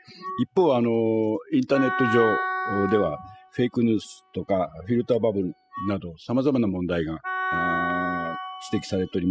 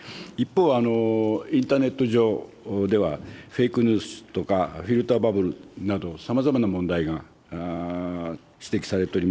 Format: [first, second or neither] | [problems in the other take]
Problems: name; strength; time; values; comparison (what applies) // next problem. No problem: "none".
second | noise reduction (classical method spectral subtraction)